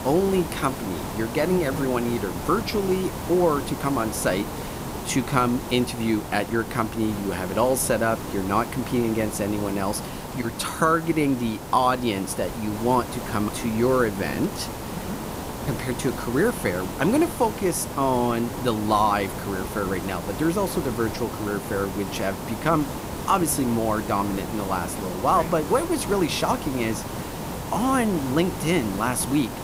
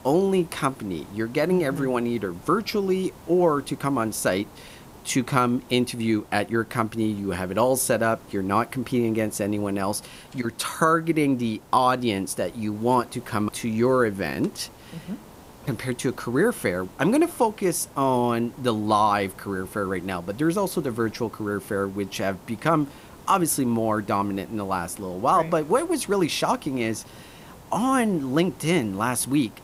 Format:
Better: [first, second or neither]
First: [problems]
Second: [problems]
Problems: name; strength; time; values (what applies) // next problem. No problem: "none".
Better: second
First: hiss; loud; throughout; 8 dB below the speech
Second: hiss; faint; throughout; 20 dB below the speech